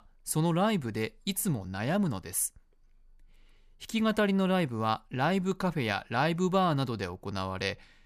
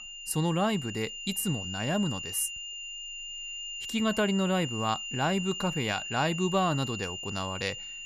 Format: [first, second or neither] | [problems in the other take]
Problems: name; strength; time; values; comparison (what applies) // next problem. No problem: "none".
first | high-pitched whine; loud; throughout; 3 kHz, 6 dB below the speech